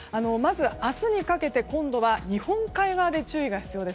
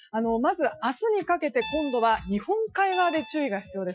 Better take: first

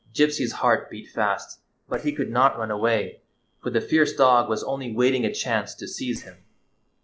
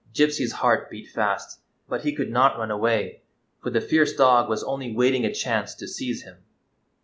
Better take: second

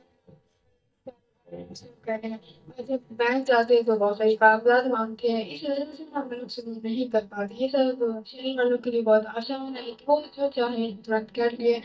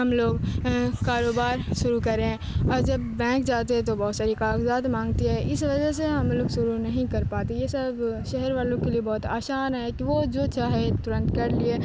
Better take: second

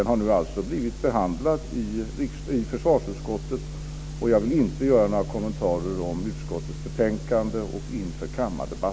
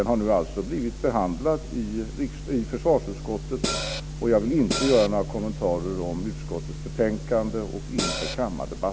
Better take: first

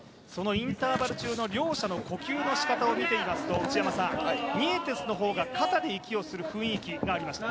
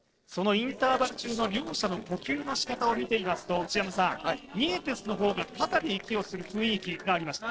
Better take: first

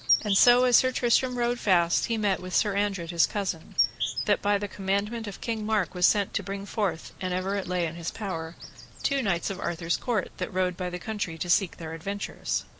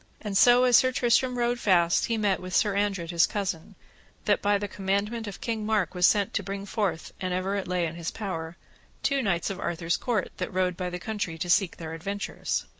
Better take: second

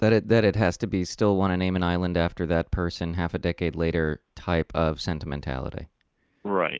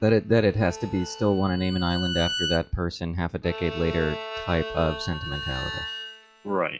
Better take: first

